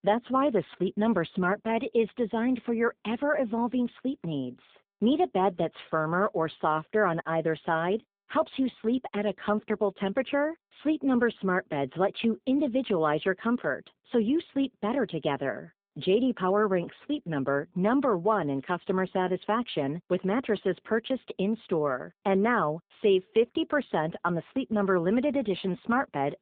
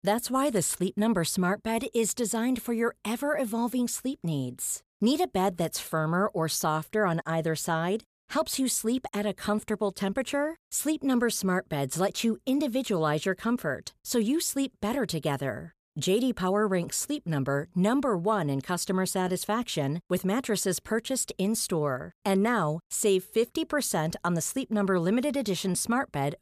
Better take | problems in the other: second | phone-call audio

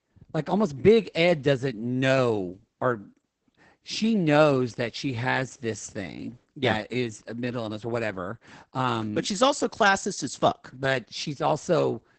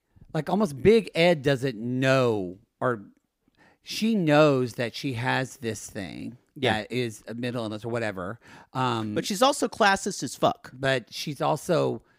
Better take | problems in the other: second | garbled, watery; badly; nothing above 8 kHz

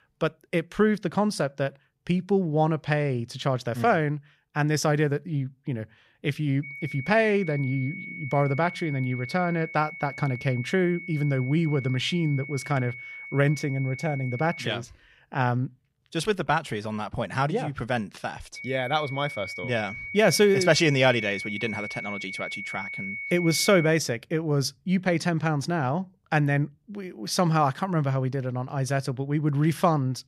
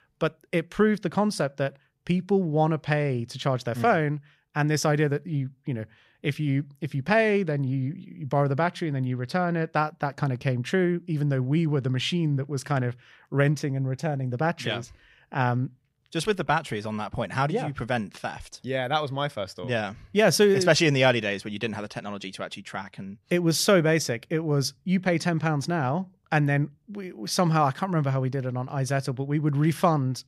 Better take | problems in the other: second | high-pitched whine; loud; from 6.5 to 15 s and from 19 to 24 s; 2 kHz, 9 dB below the speech

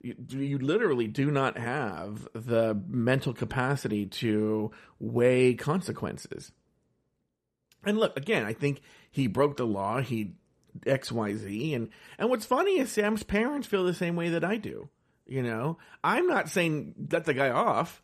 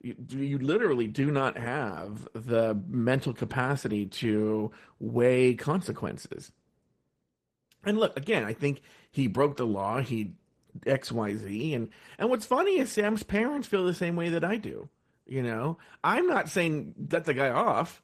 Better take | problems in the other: first | garbled, watery; slightly; nothing above 14 kHz

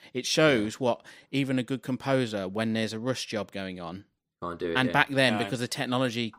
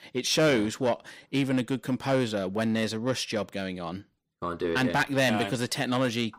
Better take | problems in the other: first | distortion; slight; 10 dB below the speech

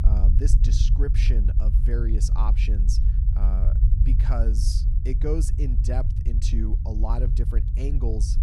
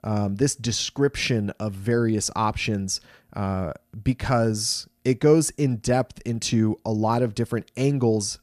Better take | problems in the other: second | low rumble; loud; throughout; 5 dB below the speech

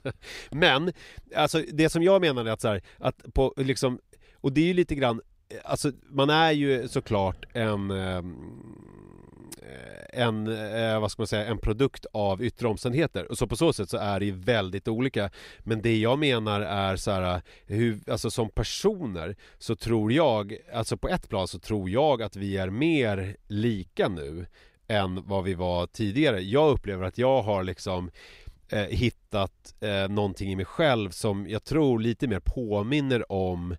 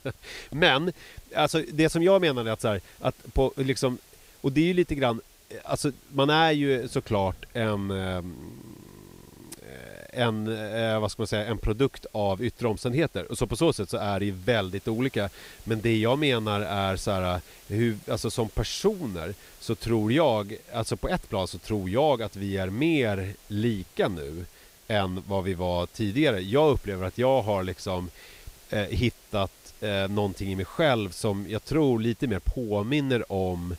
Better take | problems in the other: first | hiss; faint; throughout; 25 dB below the speech

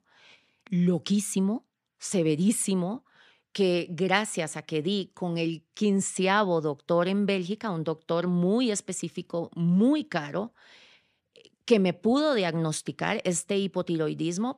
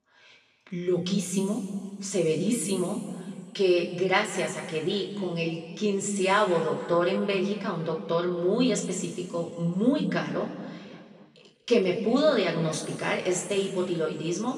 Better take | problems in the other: first | room echo; noticeable; dies away in 1.9 s // off-mic speech; far

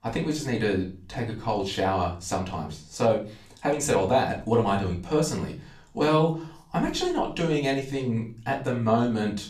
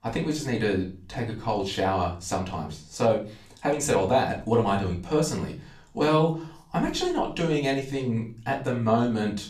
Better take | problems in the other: neither | off-mic speech; far; the same in both // room echo; very slight; dies away in 0.3 s; the same in both

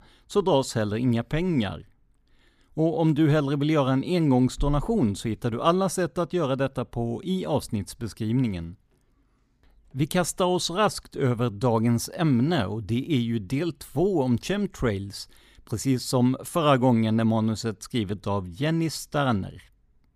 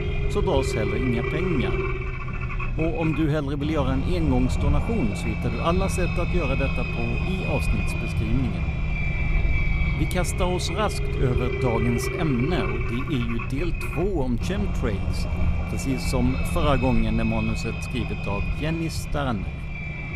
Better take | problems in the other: first | low rumble; loud; throughout; 2 dB below the speech

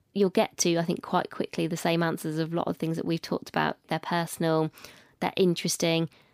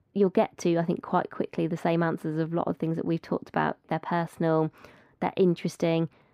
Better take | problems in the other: first | muffled; slightly; fading above 3 kHz

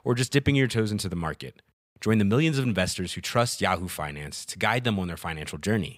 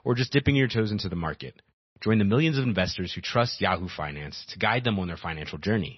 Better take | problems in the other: first | garbled, watery; slightly; nothing above 5.5 kHz

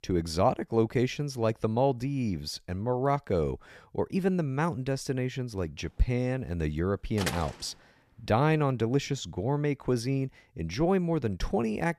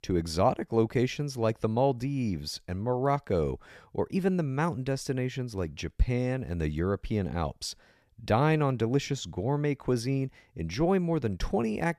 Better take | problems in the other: second | door banging; noticeable; at 7 s; peak 5 dB below the speech

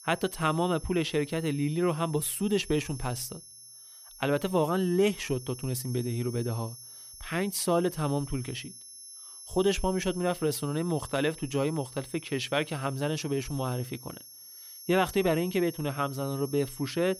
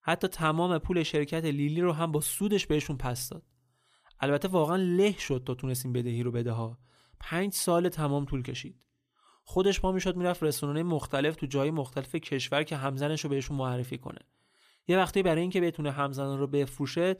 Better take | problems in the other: second | high-pitched whine; noticeable; throughout; 11 kHz, 15 dB below the speech

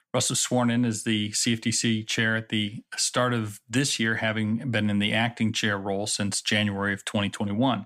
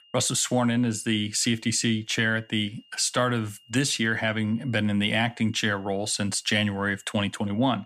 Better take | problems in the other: first | high-pitched whine; faint; throughout; 3 kHz, 30 dB below the speech

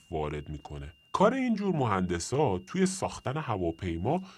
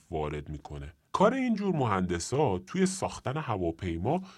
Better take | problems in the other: second | high-pitched whine; faint; throughout; 3 kHz, 30 dB below the speech

